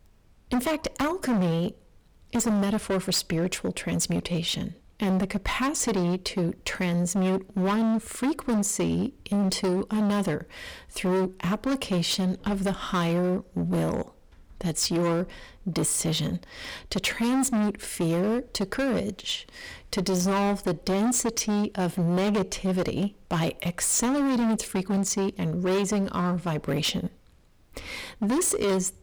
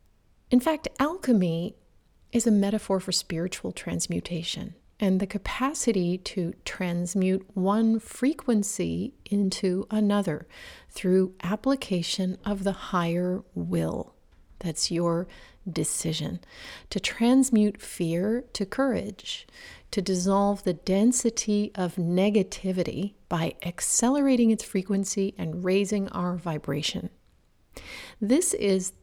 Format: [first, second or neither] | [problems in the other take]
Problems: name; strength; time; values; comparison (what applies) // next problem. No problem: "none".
second | distortion; heavy; 19% of the sound clipped